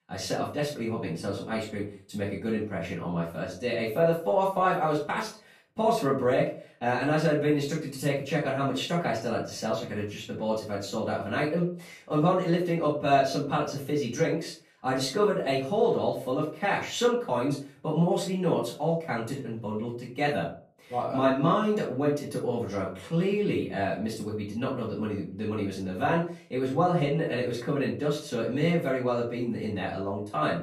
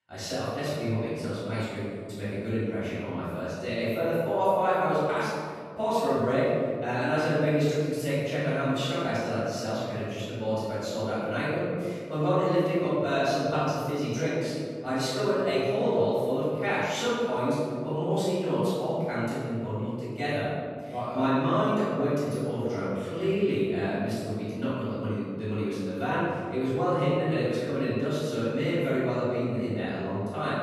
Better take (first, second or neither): first